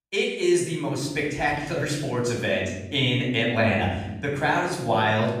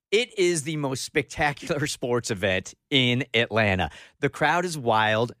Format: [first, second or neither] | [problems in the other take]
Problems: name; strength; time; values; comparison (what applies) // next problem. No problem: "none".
second | off-mic speech; far // room echo; noticeable; dies away in 1.2 s